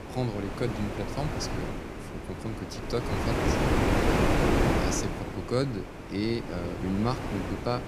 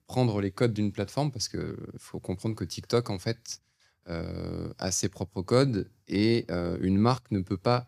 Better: second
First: wind noise on the microphone; heavy; 4 dB above the speech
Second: none

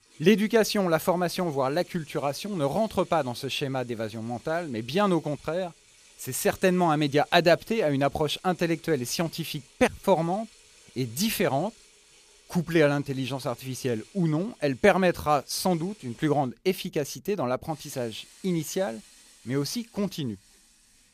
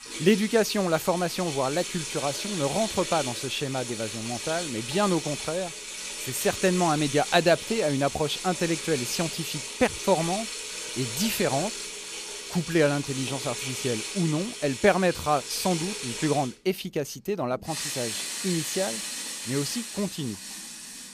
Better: first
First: household noises; faint; throughout; 25 dB below the speech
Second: household noises; loud; throughout; 5 dB below the speech

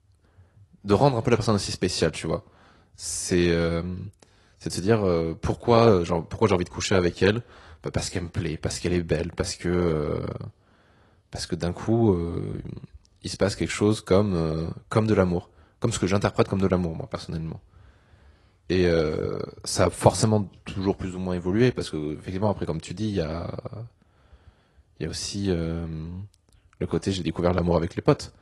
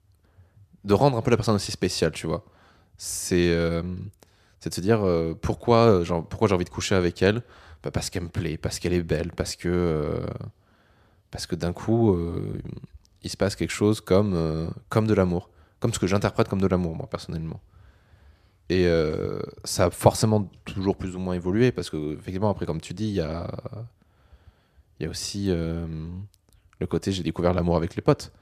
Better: second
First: garbled, watery; slightly; nothing above 11 kHz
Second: none

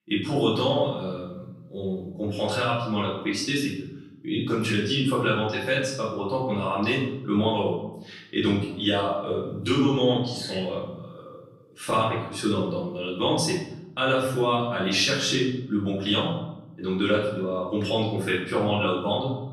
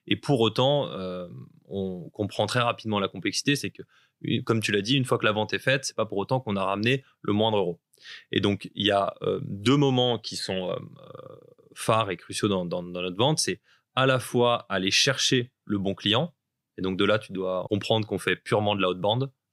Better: second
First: room echo; noticeable; dies away in 0.7 s // off-mic speech; far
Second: none

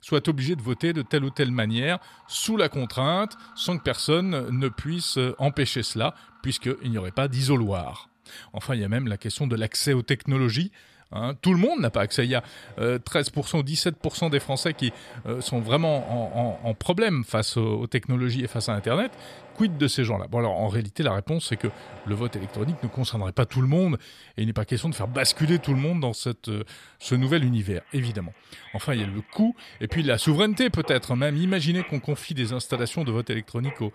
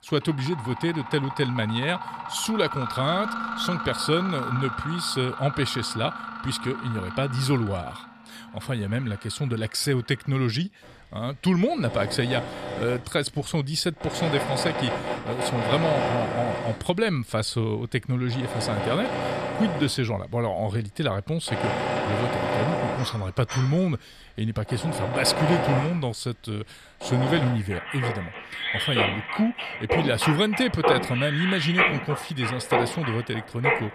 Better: first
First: machinery noise; faint; throughout; 20 dB below the speech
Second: machinery noise; loud; throughout; 2 dB below the speech

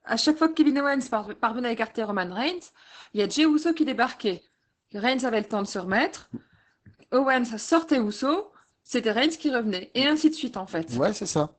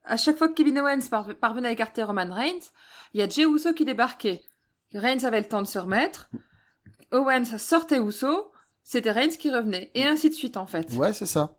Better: second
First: garbled, watery; badly; nothing above 8 kHz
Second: garbled, watery; slightly

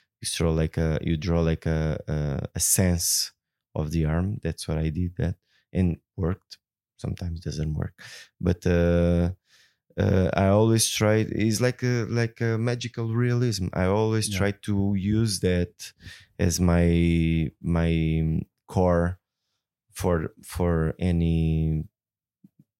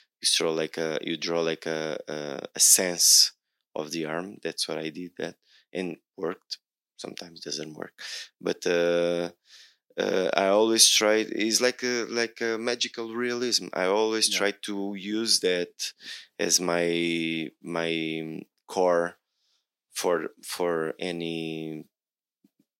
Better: first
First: none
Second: thin; somewhat; fading below 250 Hz

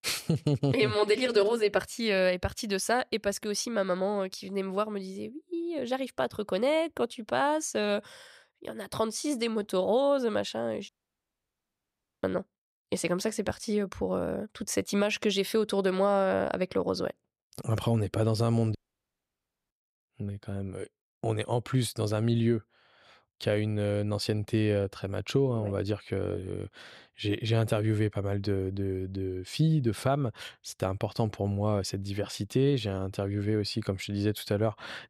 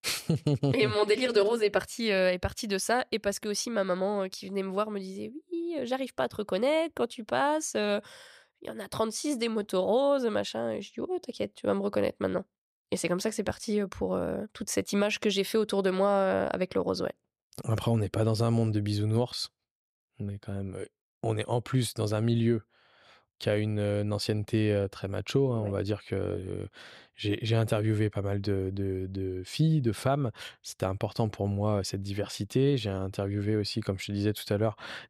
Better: second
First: audio cutting out; at 11 s for 1.5 s and at 19 s for 1 s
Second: none

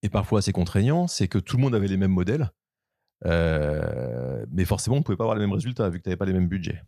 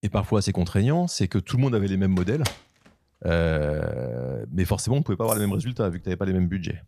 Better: first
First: none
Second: door banging; noticeable; at 2 s; peak 8 dB below the speech // jangling keys; noticeable; at 5.5 s; peak 6 dB below the speech

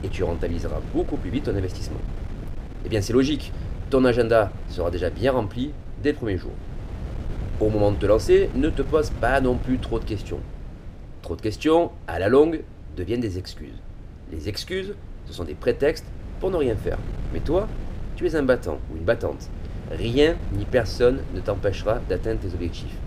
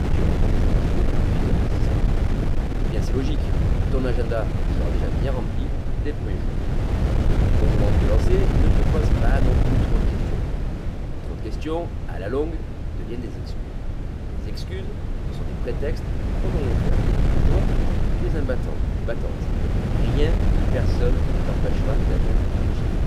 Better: first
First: wind noise on the microphone; occasional gusts; 20 dB below the speech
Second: wind noise on the microphone; heavy; 1 dB above the speech

